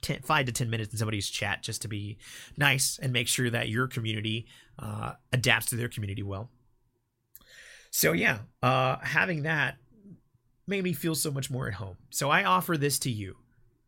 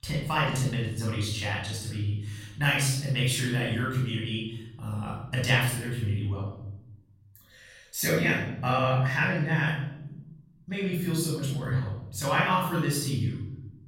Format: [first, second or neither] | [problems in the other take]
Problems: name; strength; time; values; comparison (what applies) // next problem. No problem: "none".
first | off-mic speech; far // room echo; noticeable; dies away in 1 s